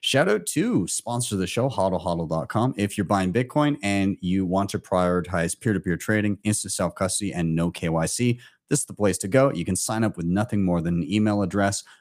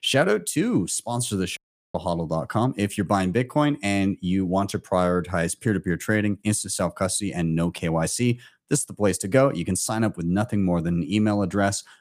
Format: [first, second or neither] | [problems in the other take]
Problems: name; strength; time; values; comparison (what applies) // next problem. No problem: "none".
first | audio cutting out; at 1.5 s